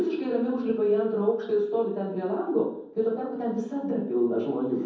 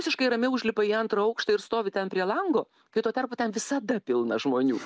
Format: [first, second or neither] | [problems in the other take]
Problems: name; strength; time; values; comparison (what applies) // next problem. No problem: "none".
second | room echo; dies away in 0.9 s